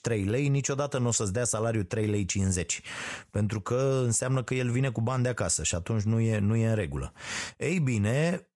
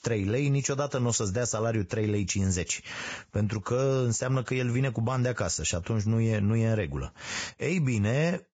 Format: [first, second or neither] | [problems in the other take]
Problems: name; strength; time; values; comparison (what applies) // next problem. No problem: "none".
first | garbled, watery; badly; nothing above 7.5 kHz; slightly in the first